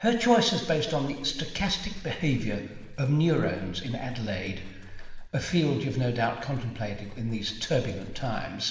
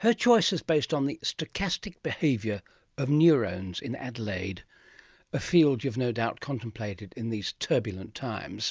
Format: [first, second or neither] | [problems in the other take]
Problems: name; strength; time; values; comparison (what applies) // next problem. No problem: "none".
second | background sound (Livestock, farm animals, working animals); 12 dB below the speech // room echo; dies away in 1.2 s